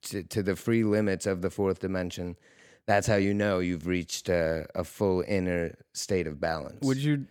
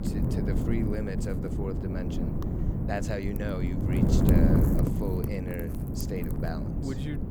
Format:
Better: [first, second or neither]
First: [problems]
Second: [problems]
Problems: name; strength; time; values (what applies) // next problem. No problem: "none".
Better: first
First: none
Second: wind noise on the microphone; heavy; 2 dB above the speech